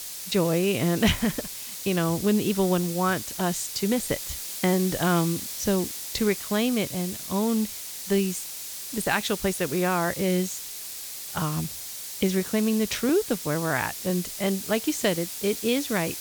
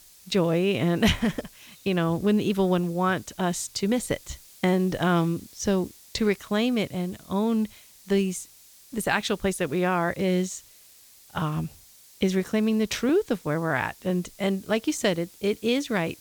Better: second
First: hiss; loud; throughout; 7 dB below the speech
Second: hiss; faint; throughout; 25 dB below the speech

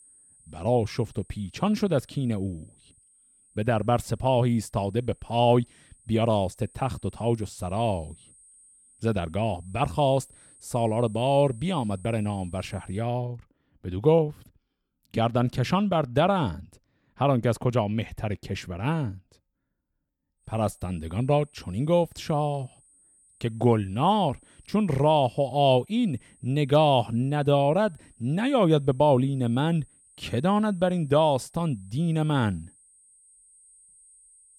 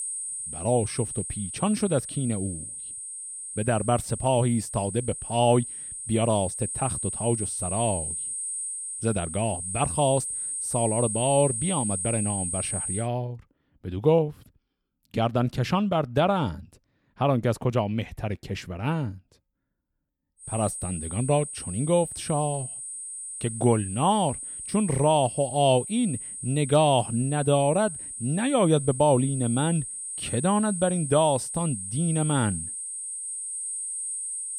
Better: first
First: high-pitched whine; faint; until 13 s and from 20 s on; 8 kHz, 30 dB below the speech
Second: high-pitched whine; loud; until 13 s and from 20 s on; 8 kHz, 6 dB below the speech

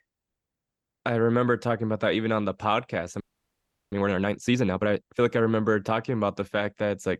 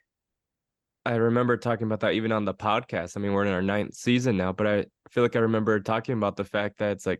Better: second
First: audio freezing; at 3 s for 0.5 s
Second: none

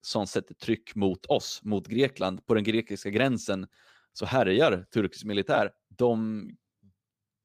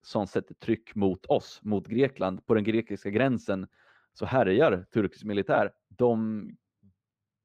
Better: first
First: none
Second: muffled; slightly; fading above 3 kHz

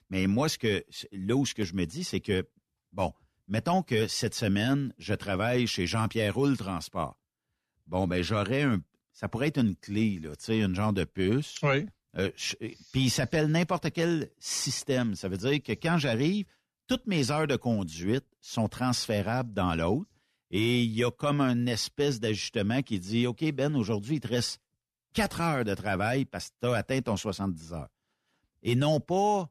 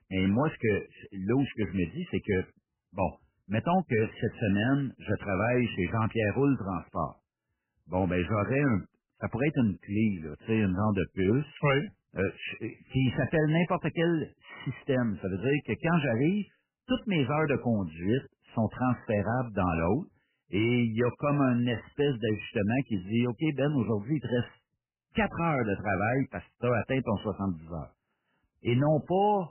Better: first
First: none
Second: garbled, watery; badly; nothing above 3 kHz

